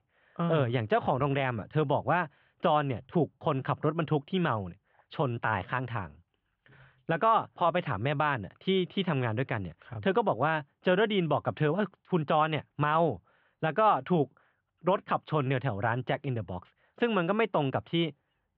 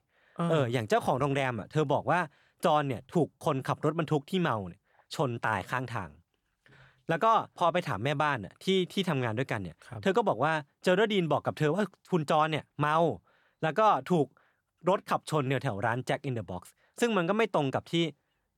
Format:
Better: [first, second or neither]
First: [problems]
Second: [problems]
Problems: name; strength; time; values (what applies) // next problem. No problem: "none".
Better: second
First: muffled; very; fading above 3 kHz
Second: none